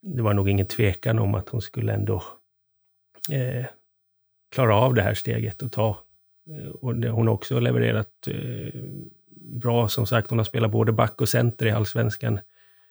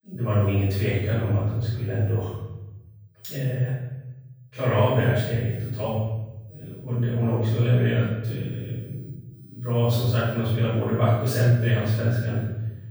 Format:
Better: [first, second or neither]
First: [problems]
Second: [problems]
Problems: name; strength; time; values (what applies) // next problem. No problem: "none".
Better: first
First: none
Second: off-mic speech; far // room echo; strong; dies away in 1 s